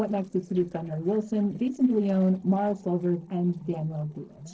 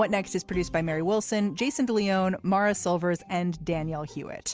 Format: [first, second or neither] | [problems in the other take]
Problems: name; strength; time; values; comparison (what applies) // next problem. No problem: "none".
second | noise reduction (neural separator model SepFormer DNS4)